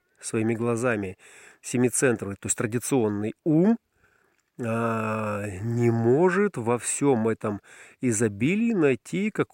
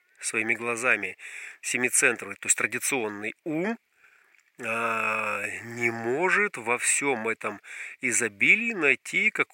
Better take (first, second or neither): first